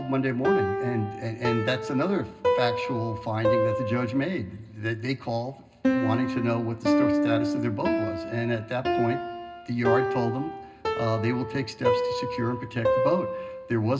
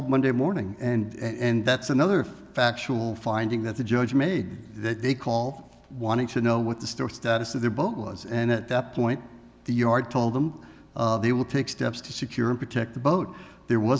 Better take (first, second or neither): second